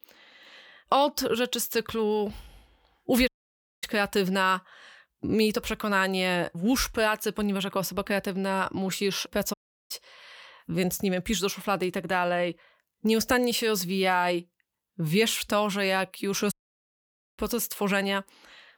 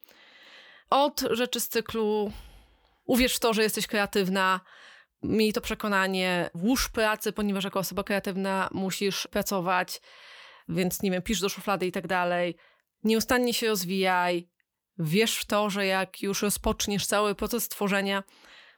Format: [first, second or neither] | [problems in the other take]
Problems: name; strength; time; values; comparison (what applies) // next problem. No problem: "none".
second | audio cutting out; at 3.5 s for 0.5 s, at 9.5 s and at 17 s for 1 s